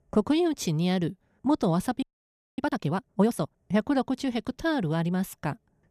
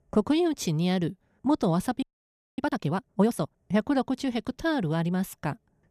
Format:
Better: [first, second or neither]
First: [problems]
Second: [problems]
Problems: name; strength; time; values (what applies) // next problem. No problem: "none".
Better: neither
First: audio freezing; at 2 s for 0.5 s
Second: audio freezing; at 2 s for 0.5 s